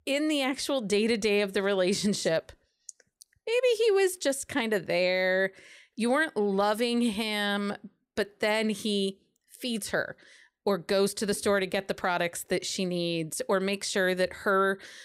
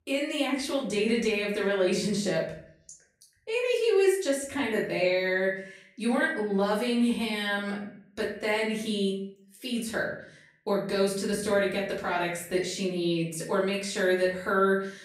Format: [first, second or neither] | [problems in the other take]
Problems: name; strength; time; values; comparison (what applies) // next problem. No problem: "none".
first | off-mic speech; far // room echo; slight; dies away in 0.5 s